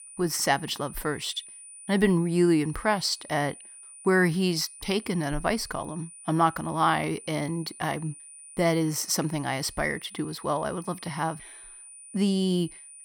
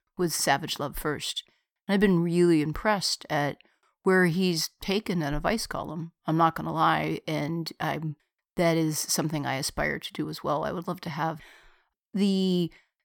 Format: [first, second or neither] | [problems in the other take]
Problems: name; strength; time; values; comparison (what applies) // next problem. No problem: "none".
second | high-pitched whine; noticeable; throughout; 9.5 kHz, 15 dB below the speech